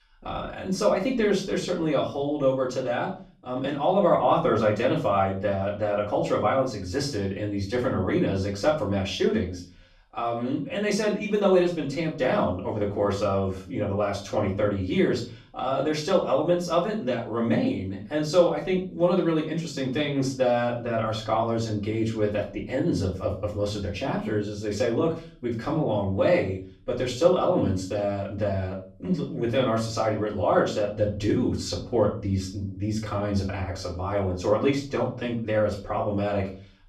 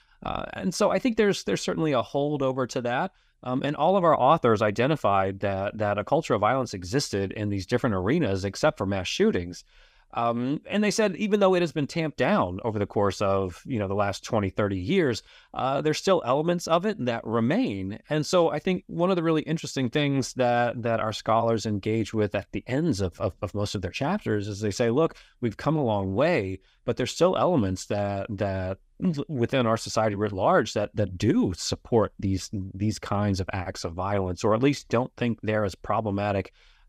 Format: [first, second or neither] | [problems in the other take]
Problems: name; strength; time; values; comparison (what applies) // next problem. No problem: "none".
second | room echo; slight; dies away in 0.4 s // off-mic speech; far